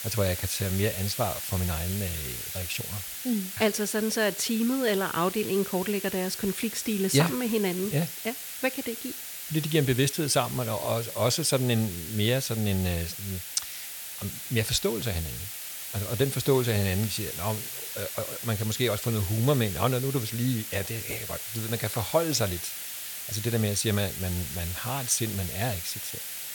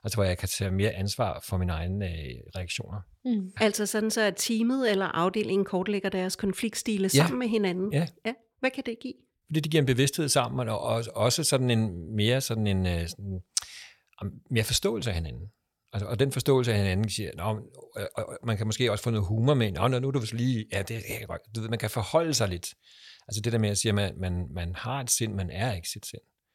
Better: second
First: hiss; loud; throughout; 6 dB below the speech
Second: none

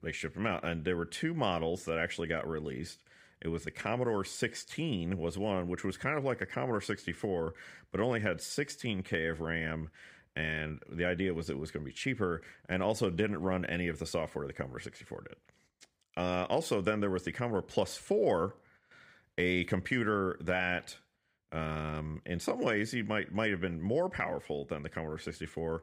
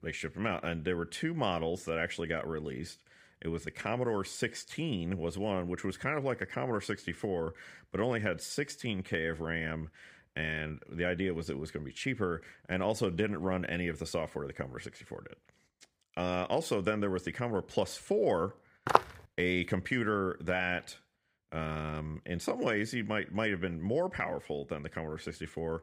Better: first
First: none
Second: footsteps; loud; at 19 s; peak 6 dB above the speech

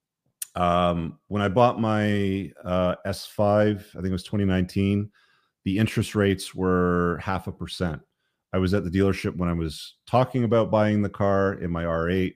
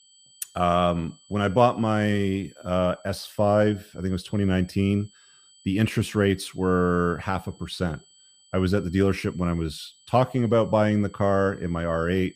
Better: first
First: none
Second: high-pitched whine; faint; throughout; 3 kHz, 30 dB below the speech

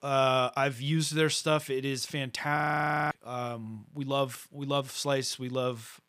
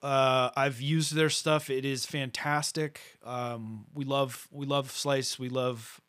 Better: second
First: audio freezing; at 2.5 s for 0.5 s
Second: none

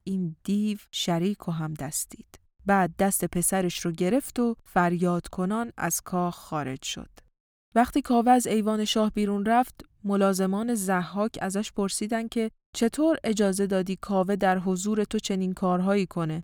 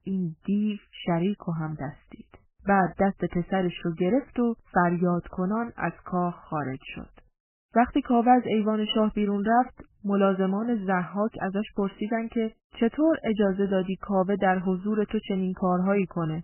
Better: first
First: none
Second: garbled, watery; badly; nothing above 3 kHz

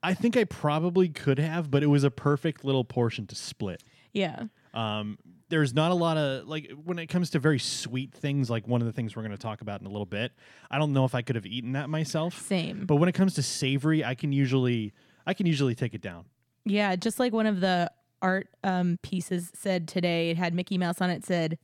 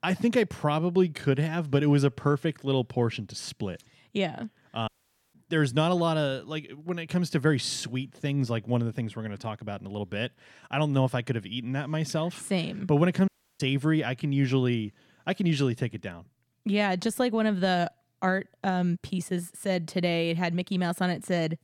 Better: first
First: none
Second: audio cutting out; at 5 s and at 13 s

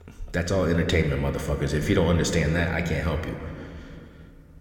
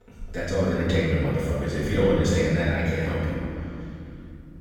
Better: first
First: room echo; slight; dies away in 1.8 s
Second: room echo; strong; dies away in 2.7 s // off-mic speech; far

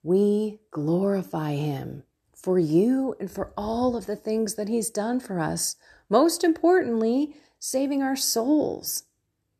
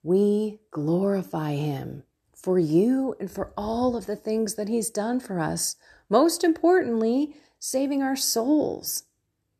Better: neither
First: none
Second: none

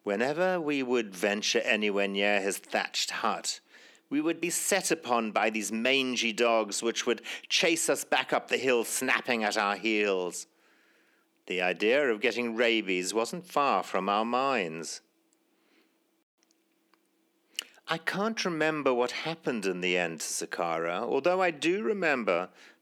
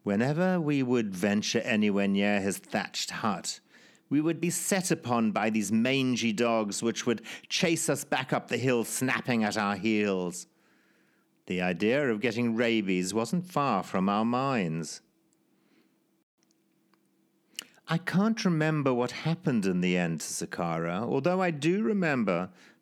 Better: second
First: thin; somewhat; fading below 400 Hz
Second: none

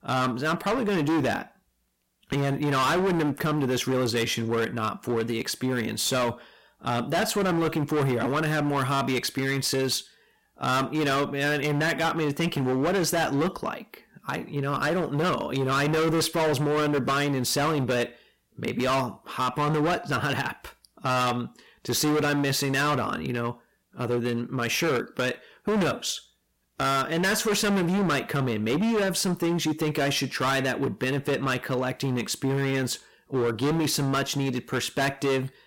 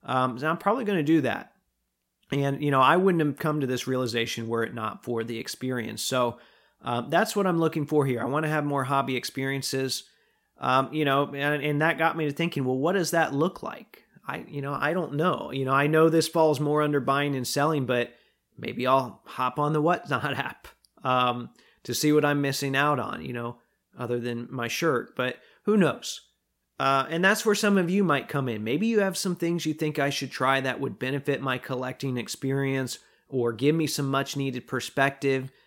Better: second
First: distortion; heavy; 21% of the sound clipped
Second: none

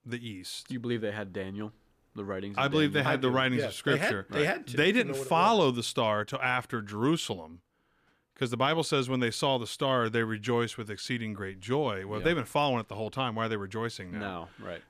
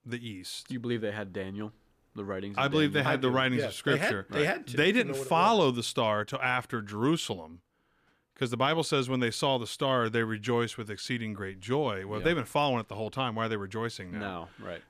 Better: neither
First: none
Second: none

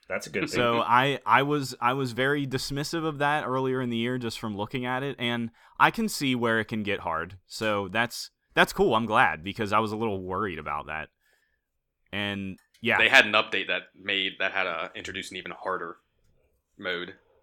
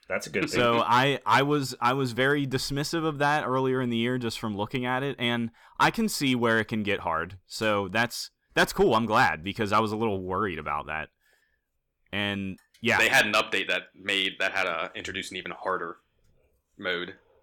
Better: first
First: none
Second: distortion; slight; 1% of the sound clipped

